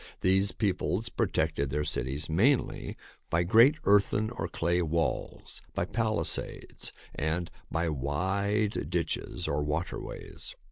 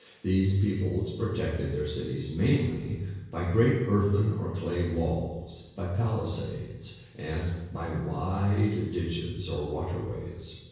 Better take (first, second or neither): first